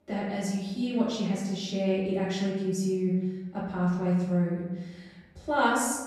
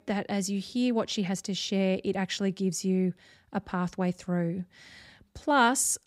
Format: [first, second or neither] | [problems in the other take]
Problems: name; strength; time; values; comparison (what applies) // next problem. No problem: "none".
second | room echo; noticeable; dies away in 1.1 s // off-mic speech; far